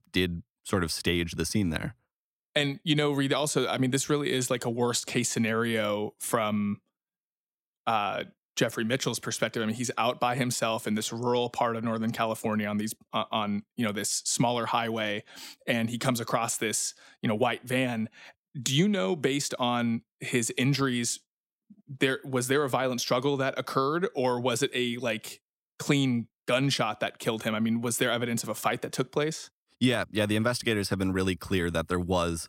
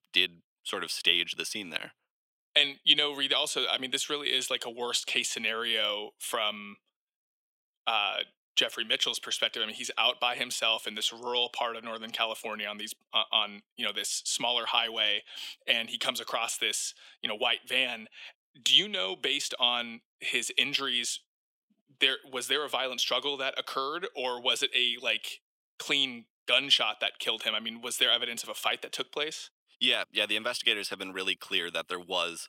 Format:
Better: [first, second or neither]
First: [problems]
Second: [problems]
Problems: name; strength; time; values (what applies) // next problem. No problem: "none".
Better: first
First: none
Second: thin; somewhat; fading below 450 Hz